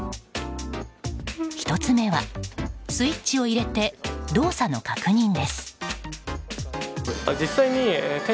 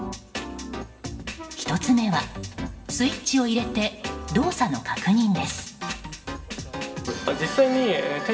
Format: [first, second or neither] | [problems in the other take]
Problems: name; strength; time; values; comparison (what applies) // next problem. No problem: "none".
first | room echo; dies away in 1.8 s